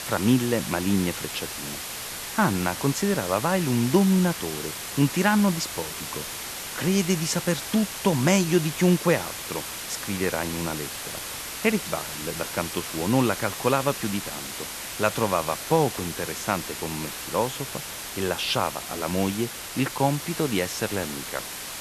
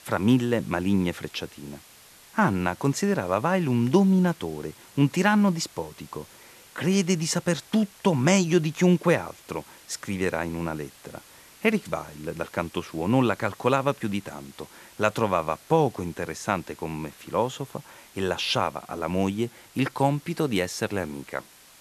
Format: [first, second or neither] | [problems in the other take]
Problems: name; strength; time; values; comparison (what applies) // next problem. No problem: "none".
second | hiss; loud; throughout; 7 dB below the speech; faint in the second